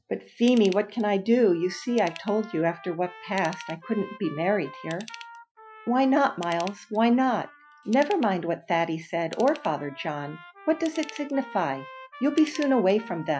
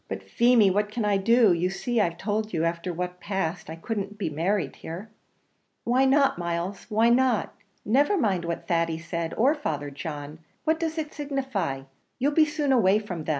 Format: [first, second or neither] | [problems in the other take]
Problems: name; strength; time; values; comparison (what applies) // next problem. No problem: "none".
second | noise reduction (classical method Wiener filter)